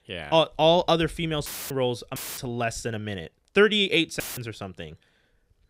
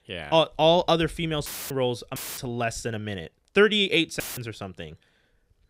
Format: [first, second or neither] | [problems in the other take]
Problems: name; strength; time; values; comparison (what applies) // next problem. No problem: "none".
neither | audio cutting out; filled with static; at 1.5 s, at 2 s and at 4 s; the same in both